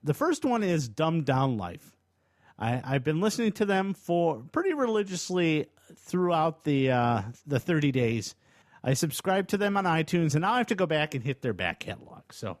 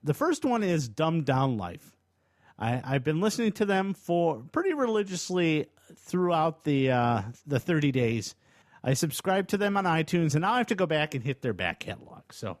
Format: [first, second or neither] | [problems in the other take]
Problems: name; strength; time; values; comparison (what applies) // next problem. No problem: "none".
neither | none